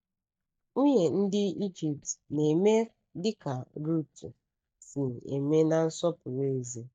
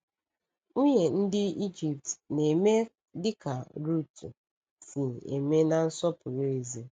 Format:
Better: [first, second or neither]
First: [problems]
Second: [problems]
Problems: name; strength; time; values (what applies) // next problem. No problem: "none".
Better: second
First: noise reduction (neural mask model DeepFilterNet 3)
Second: none